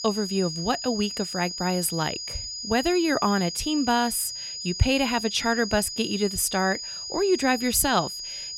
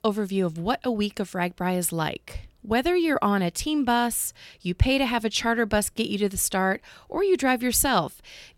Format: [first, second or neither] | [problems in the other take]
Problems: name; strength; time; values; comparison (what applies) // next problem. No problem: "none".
second | high-pitched whine; loud; throughout; 5 kHz, 7 dB below the speech